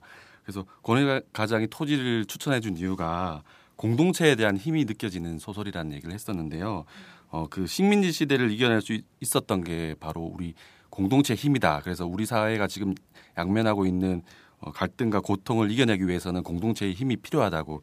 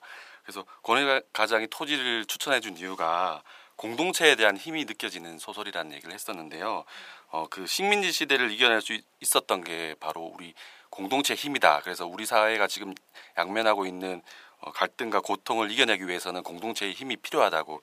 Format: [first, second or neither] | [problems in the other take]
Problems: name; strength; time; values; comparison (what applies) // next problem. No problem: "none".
first | thin; very; fading below 650 Hz